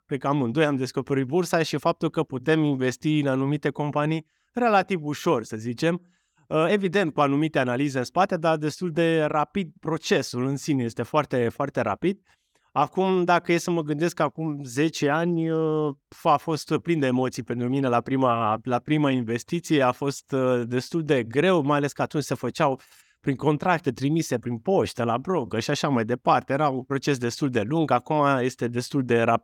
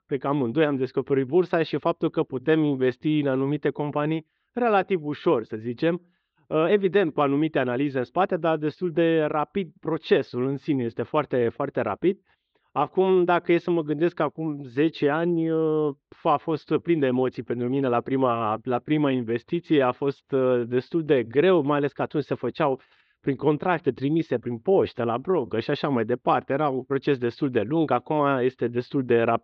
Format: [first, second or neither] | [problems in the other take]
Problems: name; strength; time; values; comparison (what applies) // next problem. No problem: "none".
first | muffled; slightly; fading above 4 kHz